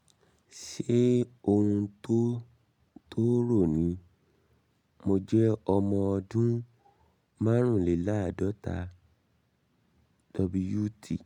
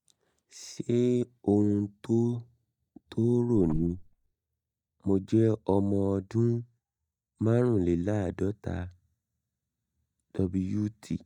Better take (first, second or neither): first